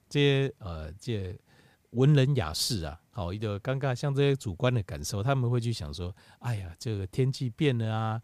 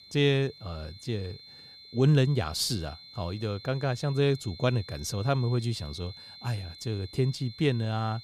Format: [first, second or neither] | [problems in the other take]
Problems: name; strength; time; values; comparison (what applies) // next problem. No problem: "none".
first | high-pitched whine; noticeable; throughout; 4 kHz, 15 dB below the speech